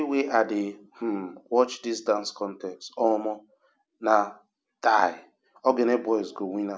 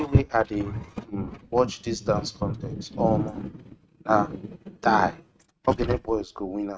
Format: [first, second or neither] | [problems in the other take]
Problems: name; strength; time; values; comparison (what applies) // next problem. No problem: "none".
first | noise reduction (neural mask model RNNoise)